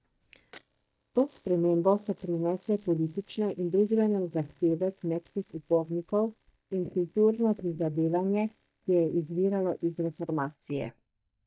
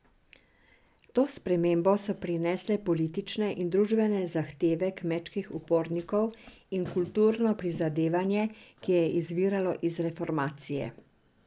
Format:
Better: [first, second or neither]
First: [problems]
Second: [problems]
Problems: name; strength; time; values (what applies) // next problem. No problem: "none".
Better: second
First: noise reduction (neural mask model DeepFilterNet 3)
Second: none